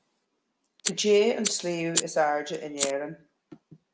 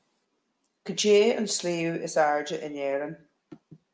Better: second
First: background sound (Fire); 6 dB below the speech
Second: none

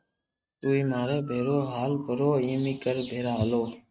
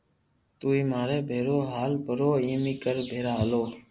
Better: second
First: noise reduction (neural mask model RNNoise)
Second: none

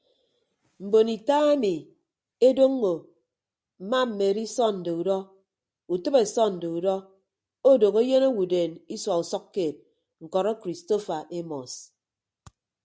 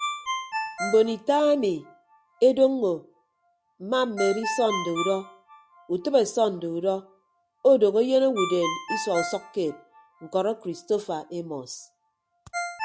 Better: first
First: none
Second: background sound (Ringtone); 10 dB below the speech

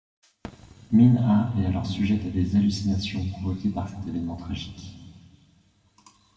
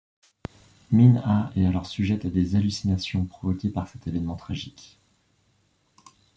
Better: second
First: room echo; dies away in 2 s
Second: none

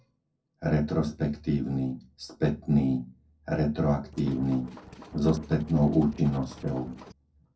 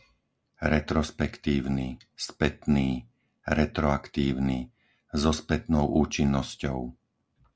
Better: second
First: noise reduction (neural separator model SepFormer DNS4)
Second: none

